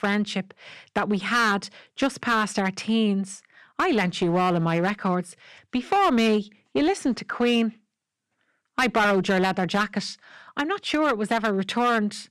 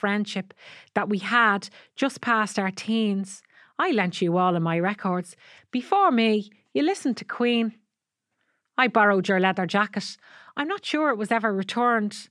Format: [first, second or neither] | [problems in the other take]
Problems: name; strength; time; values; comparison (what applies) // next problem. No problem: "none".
second | distortion; slight; 7% of the sound clipped